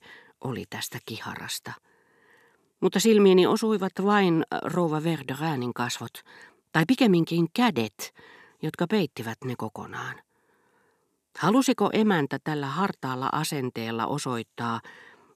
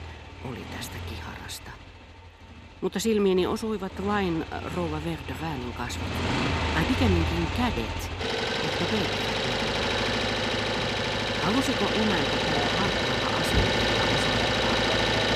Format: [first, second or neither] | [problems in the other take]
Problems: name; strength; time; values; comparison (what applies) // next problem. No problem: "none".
first | traffic noise; very loud; throughout; 5 dB above the speech